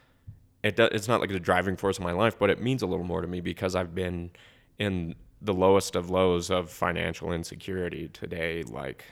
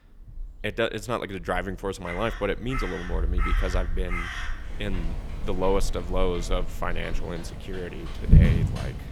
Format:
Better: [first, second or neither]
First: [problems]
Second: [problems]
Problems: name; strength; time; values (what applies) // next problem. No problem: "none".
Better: first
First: none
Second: animal sounds; very loud; throughout; 3 dB above the speech